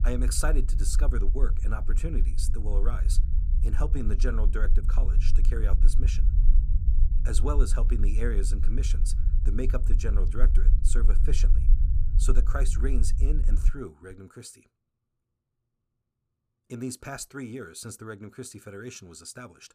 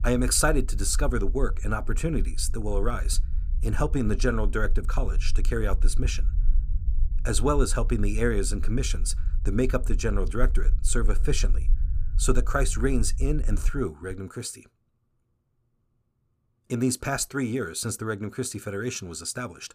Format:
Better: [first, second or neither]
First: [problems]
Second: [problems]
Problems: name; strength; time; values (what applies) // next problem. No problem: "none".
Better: second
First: low rumble; loud; until 14 s; 10 dB below the speech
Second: low rumble; faint; until 14 s; 20 dB below the speech